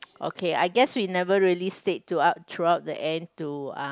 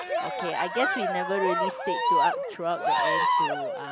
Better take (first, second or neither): first